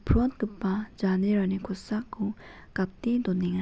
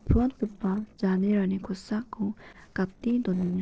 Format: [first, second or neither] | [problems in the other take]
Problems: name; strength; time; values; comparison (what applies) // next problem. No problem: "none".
first | noise reduction (neural separator model SepFormer DNS4)